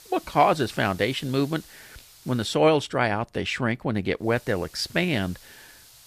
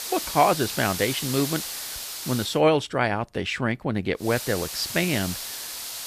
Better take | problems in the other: first | hiss; loud; until 2.5 s and from 4.5 s on; 6 dB below the speech; faint in the first

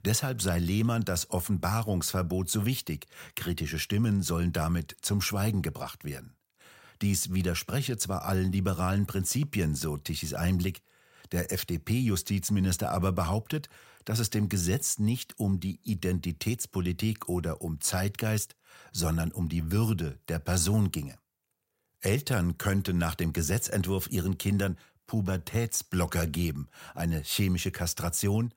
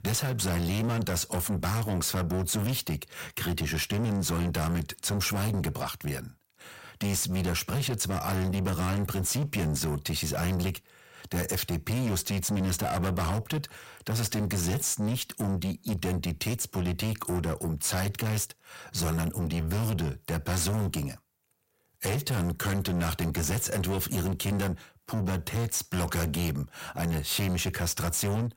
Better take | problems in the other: first | distortion; heavy; 7 dB below the speech

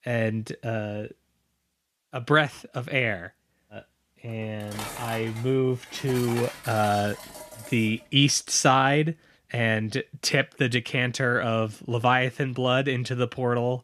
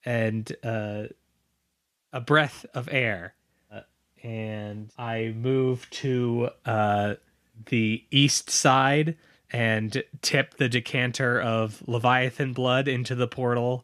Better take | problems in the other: second | clattering dishes; noticeable; from 4.5 to 8 s; peak 9 dB below the speech

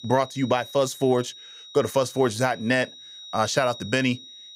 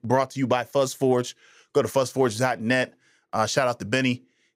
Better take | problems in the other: second | high-pitched whine; noticeable; throughout; 4 kHz, 15 dB below the speech

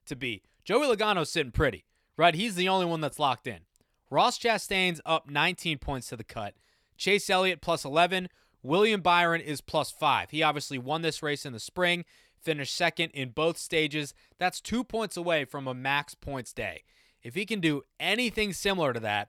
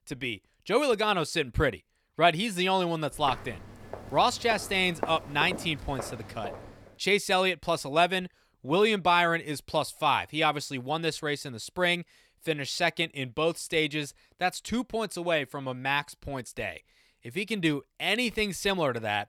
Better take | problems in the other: first | footsteps; noticeable; from 3 to 6.5 s; peak 9 dB below the speech

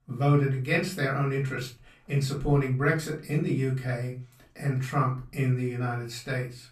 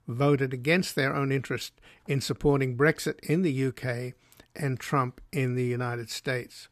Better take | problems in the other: second | off-mic speech; far // room echo; slight; dies away in 0.3 s

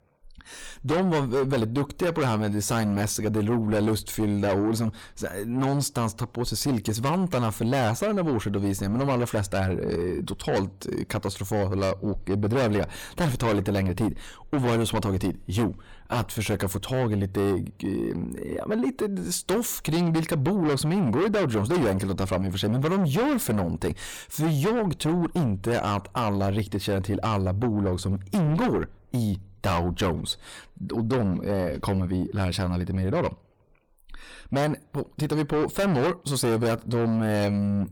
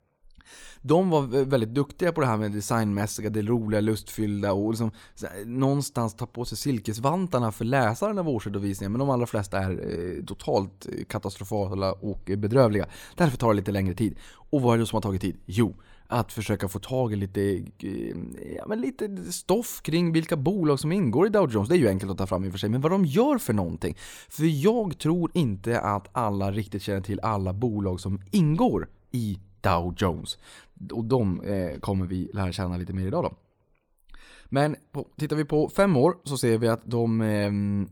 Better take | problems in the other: second | distortion; heavy; 6 dB below the speech

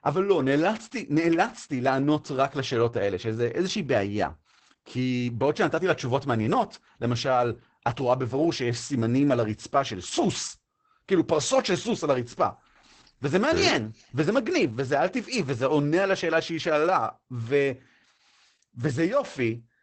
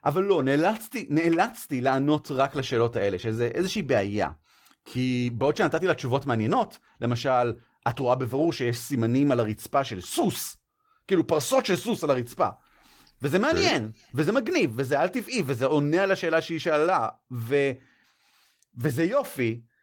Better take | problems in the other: second | garbled, watery; badly; nothing above 8 kHz; slightly in the second

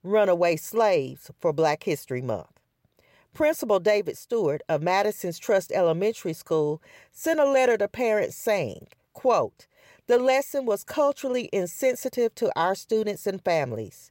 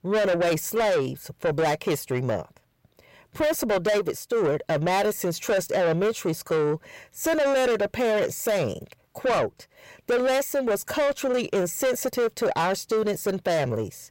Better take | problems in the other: first | distortion; heavy; 8 dB below the speech

